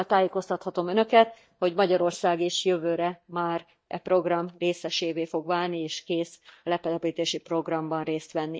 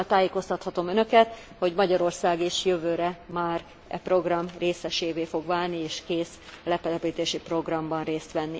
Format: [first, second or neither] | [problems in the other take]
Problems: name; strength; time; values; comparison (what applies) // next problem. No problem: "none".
second | noise reduction (neural mask model DeepFilterNet 3)